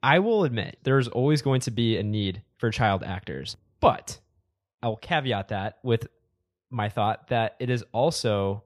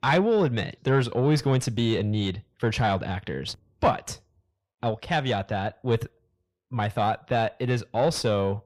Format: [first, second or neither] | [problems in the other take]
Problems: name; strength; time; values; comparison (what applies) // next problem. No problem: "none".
first | distortion; slight; 10 dB below the speech